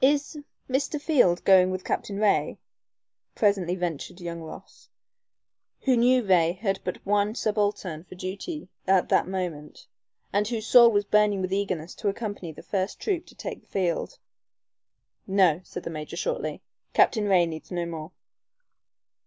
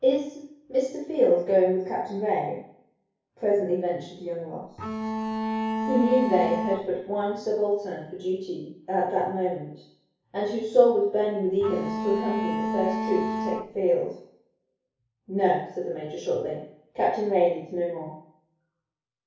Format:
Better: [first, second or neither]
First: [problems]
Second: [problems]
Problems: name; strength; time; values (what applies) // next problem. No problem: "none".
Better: first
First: none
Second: background sound (Bowed string instrument); 3 dB below the speech // room echo; dies away in 0.6 s